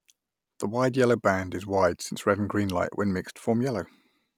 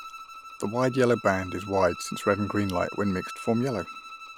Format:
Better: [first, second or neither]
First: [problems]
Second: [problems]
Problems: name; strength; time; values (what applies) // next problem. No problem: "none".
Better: first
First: none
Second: background sound (Bowed string instrument); 14 dB below the speech